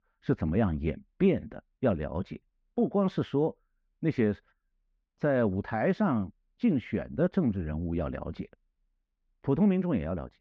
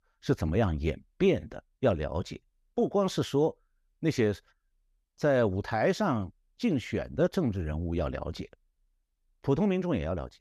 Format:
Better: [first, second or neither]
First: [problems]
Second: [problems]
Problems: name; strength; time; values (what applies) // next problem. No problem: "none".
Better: second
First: muffled; slightly; fading above 2 kHz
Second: none